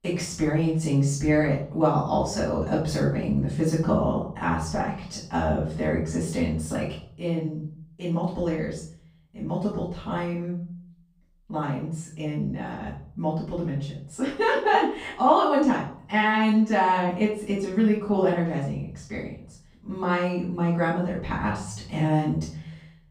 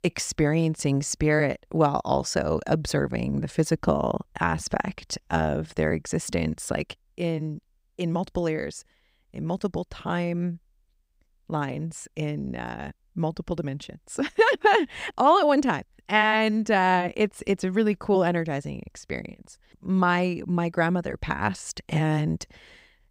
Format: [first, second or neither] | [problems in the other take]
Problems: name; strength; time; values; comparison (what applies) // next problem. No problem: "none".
second | off-mic speech; far // room echo; noticeable; dies away in 0.6 s